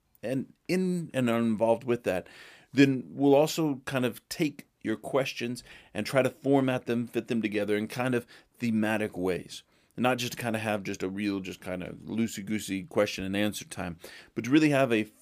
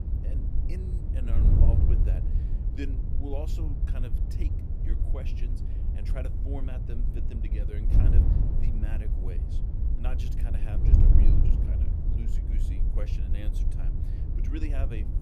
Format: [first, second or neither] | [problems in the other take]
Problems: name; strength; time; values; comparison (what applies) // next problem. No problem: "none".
first | wind noise on the microphone; heavy; 1 dB above the speech